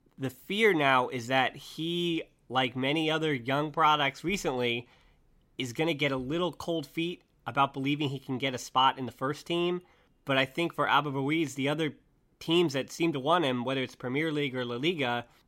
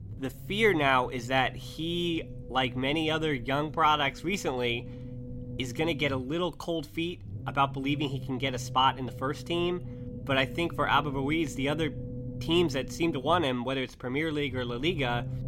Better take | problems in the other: first | low rumble; noticeable; throughout; 20 dB below the speech

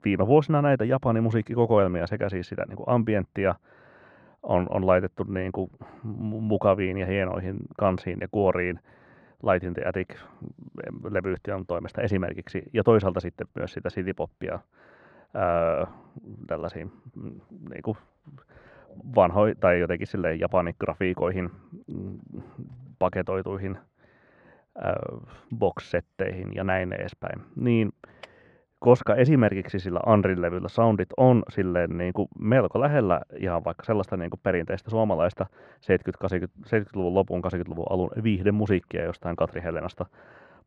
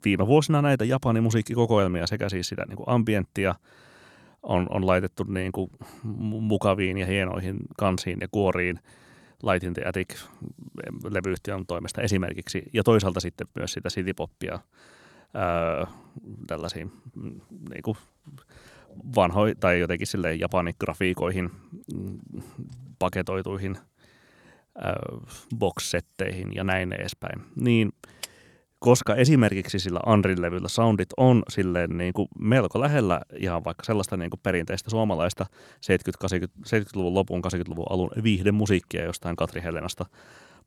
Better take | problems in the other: second | muffled; very; fading above 2 kHz

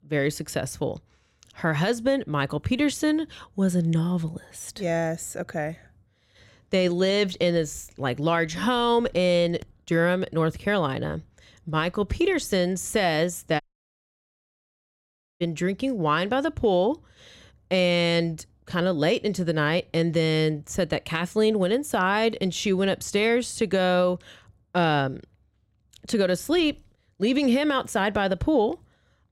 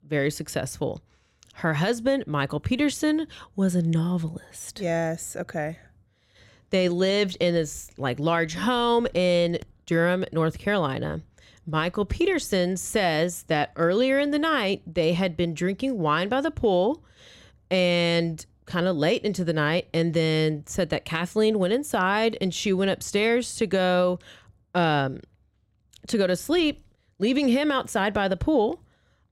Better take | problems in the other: second | audio cutting out; at 14 s for 2 s

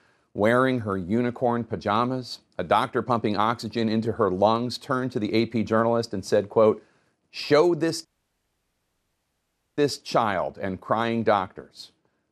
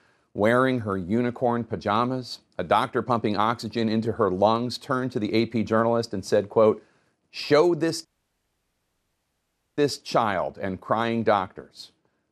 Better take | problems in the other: neither | audio cutting out; at 8 s for 1.5 s; the same in both

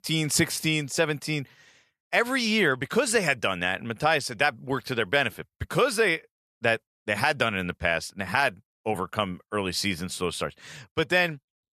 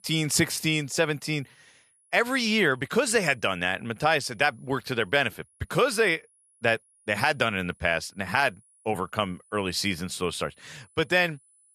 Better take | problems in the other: first | high-pitched whine; faint; throughout; 10 kHz, 35 dB below the speech

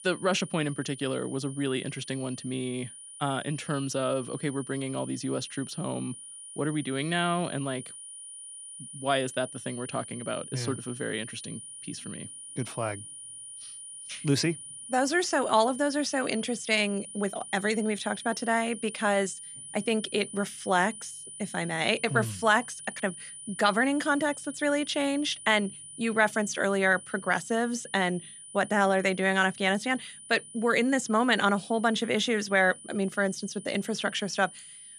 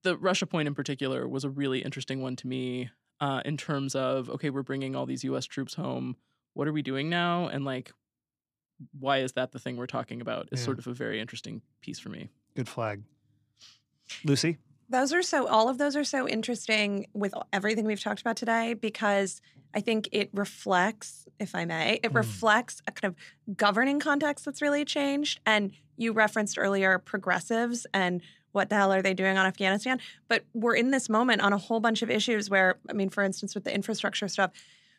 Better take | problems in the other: second | high-pitched whine; noticeable; throughout; 9.5 kHz, 15 dB below the speech

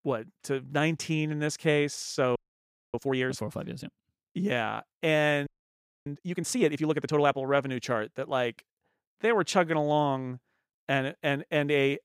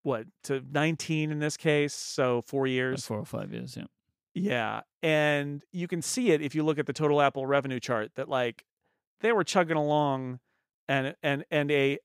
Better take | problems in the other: second | audio freezing; at 2.5 s for 0.5 s and at 5.5 s for 0.5 s

